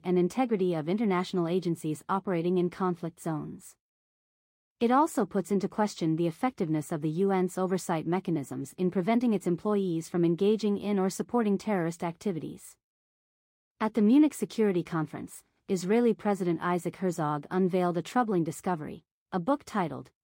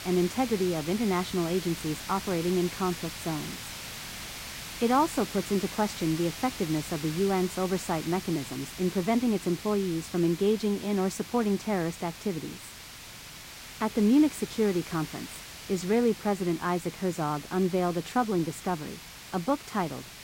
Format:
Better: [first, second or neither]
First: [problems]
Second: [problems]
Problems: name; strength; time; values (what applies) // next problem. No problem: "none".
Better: first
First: none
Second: hiss; noticeable; throughout; 10 dB below the speech